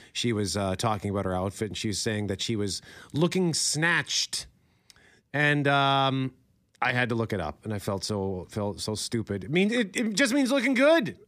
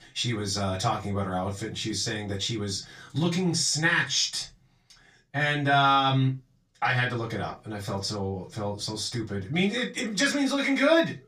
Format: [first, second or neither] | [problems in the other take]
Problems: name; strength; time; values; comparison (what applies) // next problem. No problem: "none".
first | room echo; very slight; dies away in 0.2 s // off-mic speech; far